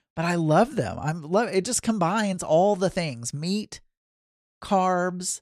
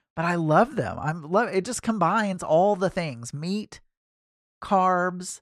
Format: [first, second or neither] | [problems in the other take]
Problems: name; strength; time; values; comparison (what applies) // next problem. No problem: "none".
first | muffled; very slightly; fading above 3.5 kHz